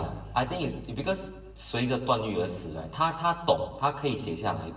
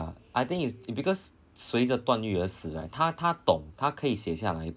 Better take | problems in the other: second | background sound (Bass guitar); 18 dB below the speech // room echo; dies away in 1 s

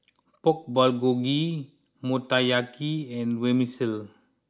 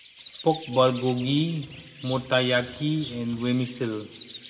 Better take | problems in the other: first | background sound (Bird); 17 dB below the speech // room echo; dies away in 1.6 s

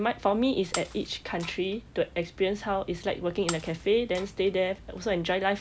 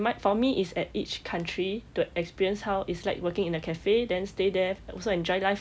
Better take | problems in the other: second | background sound (Shatter); 15 dB below the speech

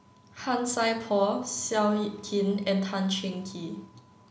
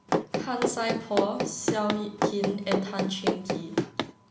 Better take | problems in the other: first | background sound (Run); 2 dB above the speech

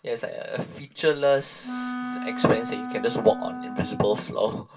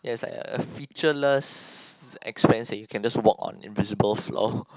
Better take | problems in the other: second | background sound (Wind instrument, woodwind instrument); 8 dB below the speech // room echo; dies away in 0.1 s

